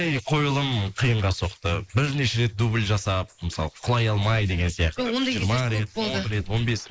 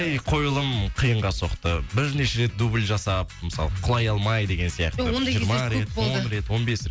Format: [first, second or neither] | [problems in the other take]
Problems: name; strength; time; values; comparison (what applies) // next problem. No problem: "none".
second | noise reduction (neural mask model Resemble Enhance denoiser)